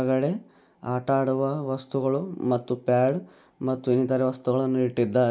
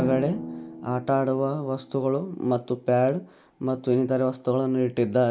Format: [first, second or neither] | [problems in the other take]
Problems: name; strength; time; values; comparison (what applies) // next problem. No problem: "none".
first | background sound (Drum); 15 dB below the speech